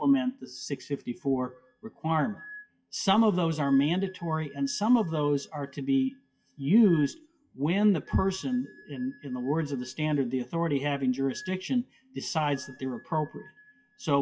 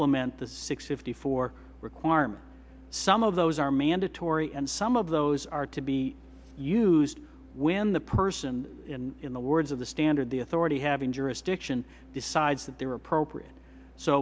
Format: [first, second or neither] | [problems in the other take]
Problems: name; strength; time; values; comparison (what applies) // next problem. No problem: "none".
second | noise reduction (classical method WPE with log-MMSE)